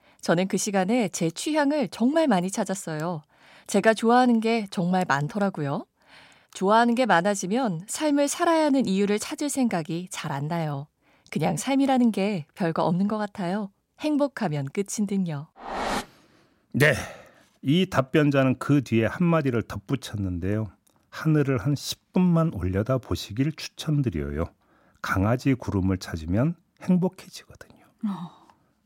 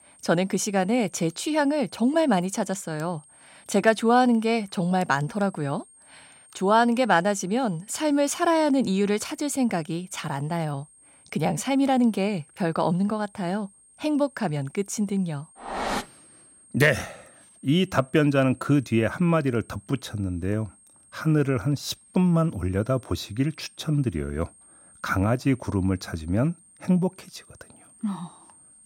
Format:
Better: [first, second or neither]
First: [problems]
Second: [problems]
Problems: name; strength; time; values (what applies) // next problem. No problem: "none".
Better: first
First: none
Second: high-pitched whine; faint; throughout; 8.5 kHz, 25 dB below the speech